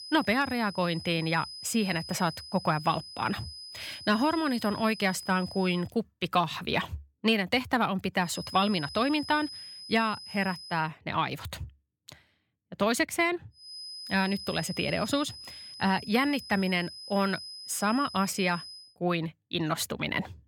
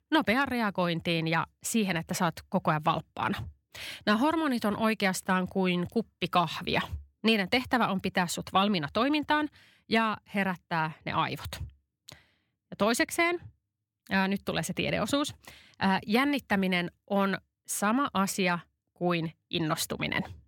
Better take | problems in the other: second | high-pitched whine; noticeable; until 6 s, from 8.5 to 11 s and from 14 to 19 s; 5 kHz, 10 dB below the speech

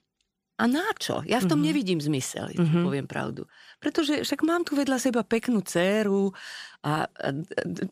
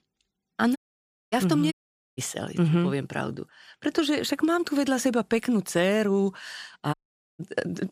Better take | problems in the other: first | audio cutting out; at 1 s for 0.5 s, at 1.5 s and at 7 s

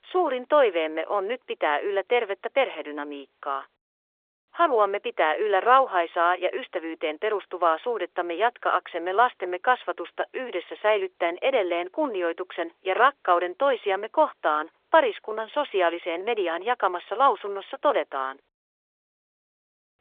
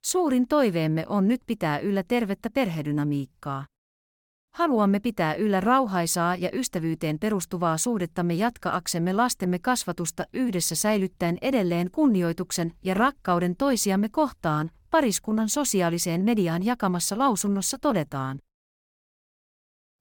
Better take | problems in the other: second | phone-call audio; nothing above 3.5 kHz

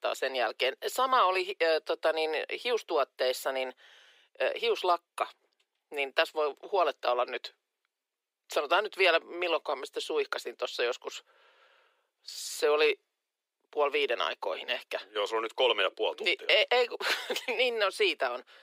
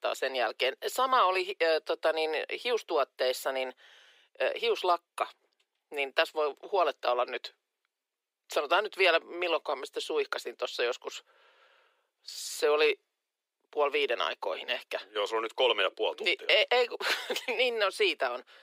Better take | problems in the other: neither | thin; very; fading below 350 Hz; the same in both

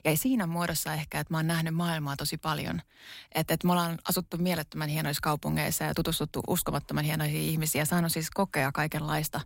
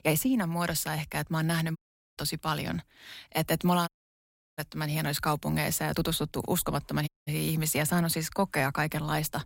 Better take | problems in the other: first | audio cutting out; at 2 s, at 4 s for 0.5 s and at 7 s

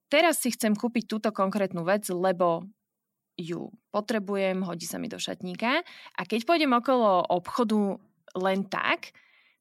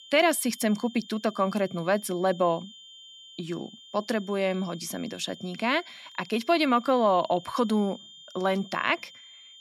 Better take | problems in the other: first | high-pitched whine; noticeable; throughout; 3 kHz, 20 dB below the speech

